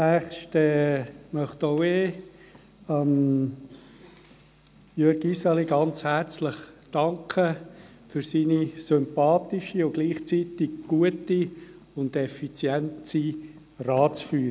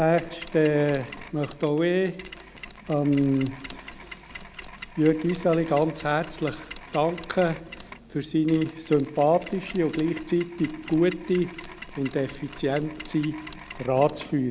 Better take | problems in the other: first | background sound (Mechanisms); 17 dB below the speech

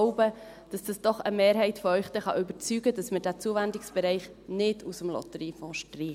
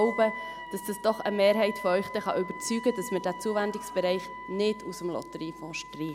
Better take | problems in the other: first | background sound (Wind instrument, woodwind instrument); 12 dB below the speech

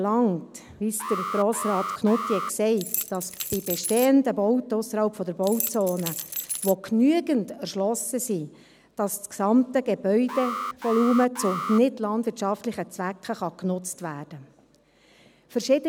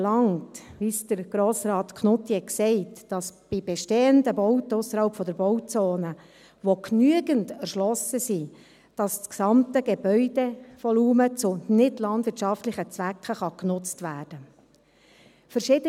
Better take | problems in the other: second | background sound (Alarm + Rattle / Keys jangling); 7 dB below the speech

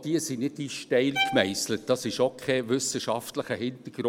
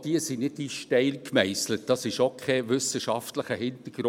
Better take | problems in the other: second | background sound (Bowed string instrument); 9 dB below the speech

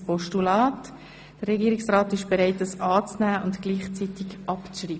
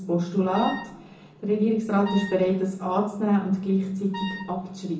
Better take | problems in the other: first | background sound (Wind instrument, woodwind instrument); 13 dB below the speech // room echo; dies away in 0.6 s

